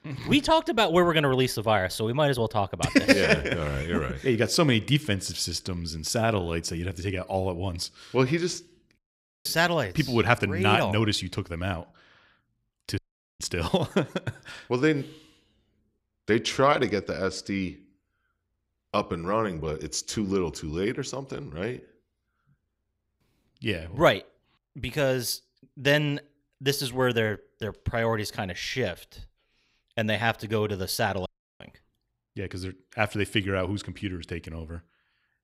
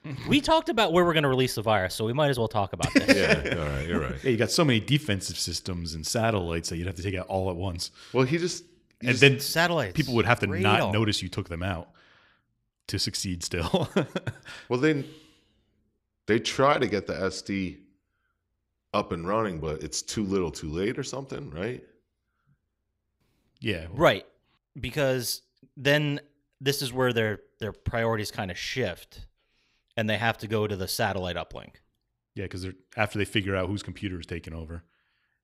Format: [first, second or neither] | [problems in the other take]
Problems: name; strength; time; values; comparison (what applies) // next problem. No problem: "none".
second | audio cutting out; at 9 s, at 13 s and at 31 s